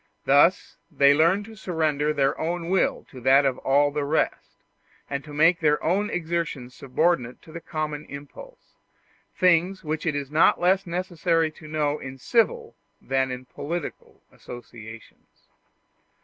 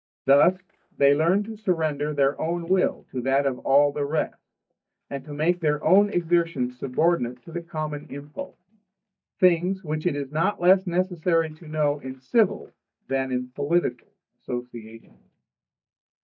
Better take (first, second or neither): first